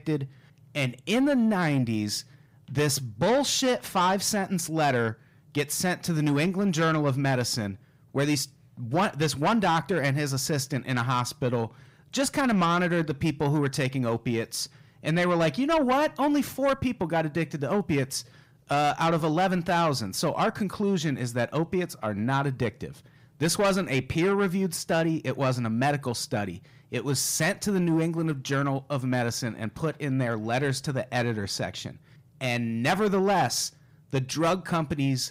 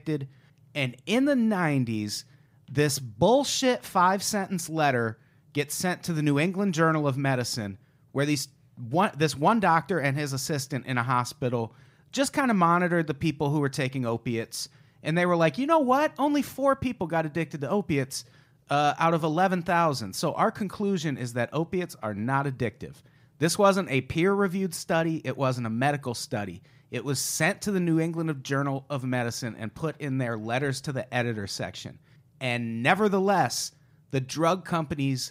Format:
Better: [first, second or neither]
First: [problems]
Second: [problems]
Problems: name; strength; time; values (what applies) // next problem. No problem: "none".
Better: second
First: distortion; slight; 10 dB below the speech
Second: none